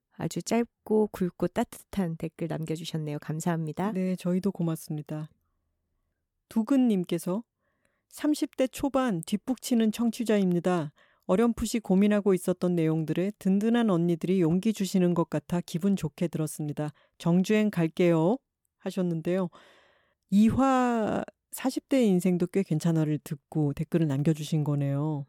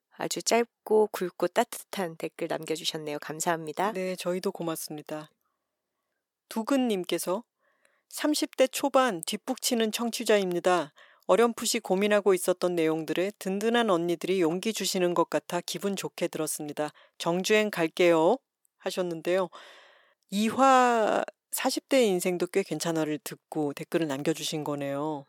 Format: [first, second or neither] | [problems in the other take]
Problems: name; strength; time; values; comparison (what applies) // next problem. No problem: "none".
first | thin; somewhat; fading below 450 Hz